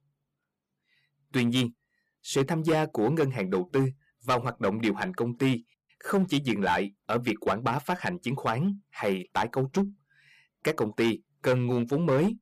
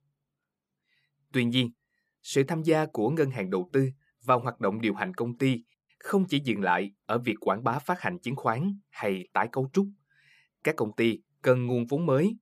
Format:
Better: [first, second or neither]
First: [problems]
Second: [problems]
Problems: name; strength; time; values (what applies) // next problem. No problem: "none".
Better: second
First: distortion; slight; 6% of the sound clipped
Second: none